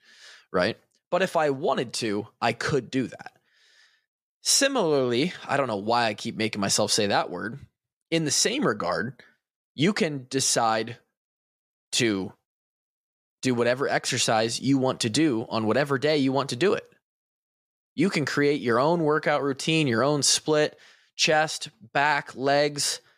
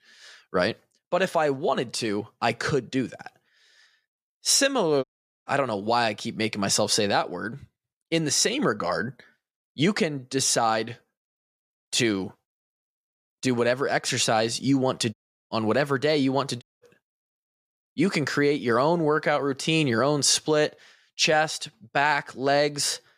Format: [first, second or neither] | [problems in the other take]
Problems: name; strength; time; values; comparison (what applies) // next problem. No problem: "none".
first | audio cutting out; at 5 s, at 15 s and at 17 s